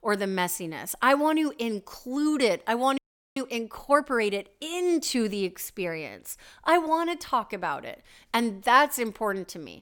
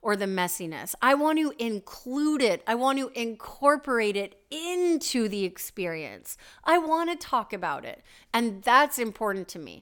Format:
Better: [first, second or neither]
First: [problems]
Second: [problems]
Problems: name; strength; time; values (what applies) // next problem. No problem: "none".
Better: second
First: audio freezing; at 3 s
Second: none